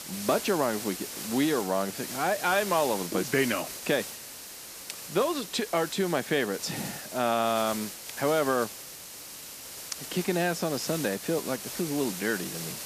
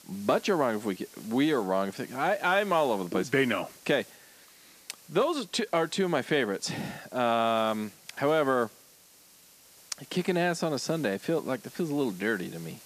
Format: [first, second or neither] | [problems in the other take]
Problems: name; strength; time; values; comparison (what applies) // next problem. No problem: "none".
second | hiss; loud; throughout; 8 dB below the speech; faint in the second